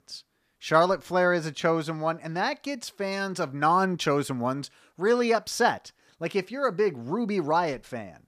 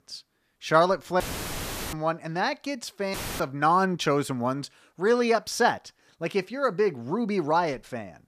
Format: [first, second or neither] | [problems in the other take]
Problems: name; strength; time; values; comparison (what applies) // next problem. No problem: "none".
first | audio cutting out; filled with static; at 1 s for 0.5 s and at 3 s